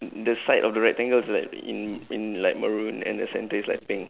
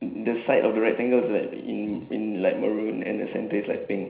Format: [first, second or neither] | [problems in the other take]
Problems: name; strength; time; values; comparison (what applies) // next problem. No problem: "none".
first | room echo; dies away in 0.5 s